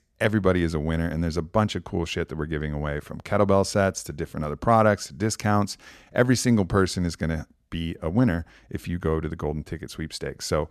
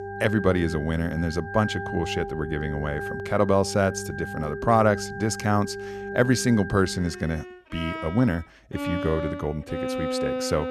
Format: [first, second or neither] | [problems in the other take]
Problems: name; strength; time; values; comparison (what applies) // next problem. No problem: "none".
first | background music; loud; throughout; 8 dB below the speech